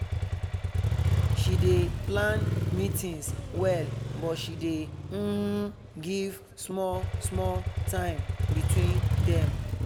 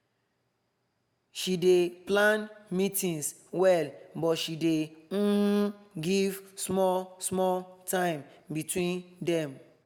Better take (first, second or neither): second